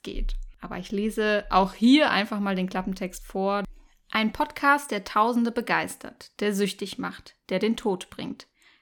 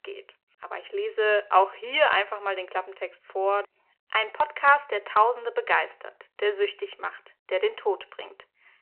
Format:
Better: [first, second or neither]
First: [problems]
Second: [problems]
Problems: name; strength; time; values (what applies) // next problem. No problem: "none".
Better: first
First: none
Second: phone-call audio